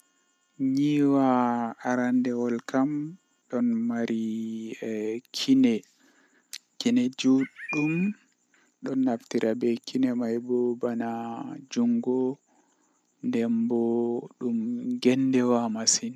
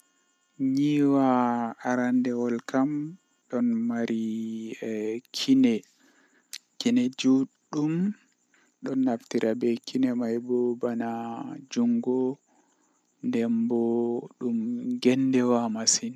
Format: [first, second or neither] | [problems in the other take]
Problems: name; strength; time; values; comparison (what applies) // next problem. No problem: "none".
second | background sound (Bird); 10 dB below the speech